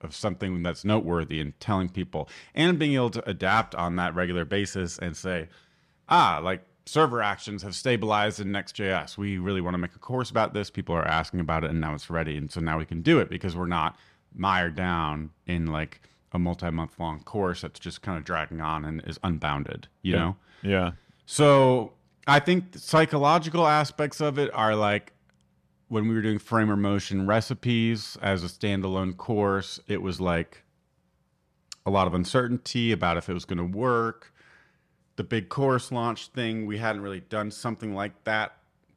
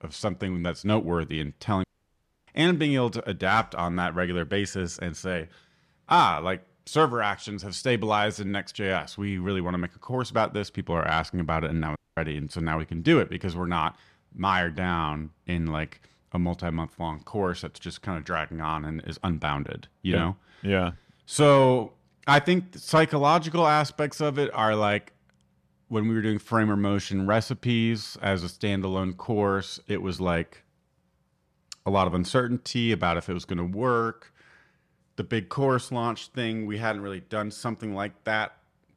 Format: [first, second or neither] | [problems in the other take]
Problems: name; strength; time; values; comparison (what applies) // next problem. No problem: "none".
first | audio cutting out; at 2 s for 0.5 s and at 12 s